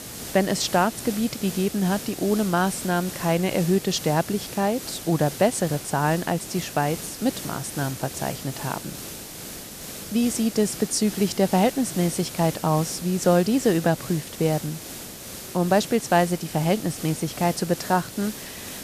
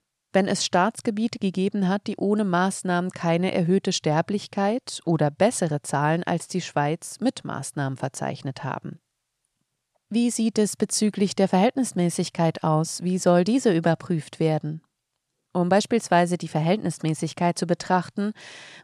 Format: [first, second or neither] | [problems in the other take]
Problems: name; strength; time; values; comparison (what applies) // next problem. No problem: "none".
second | hiss; noticeable; throughout; 10 dB below the speech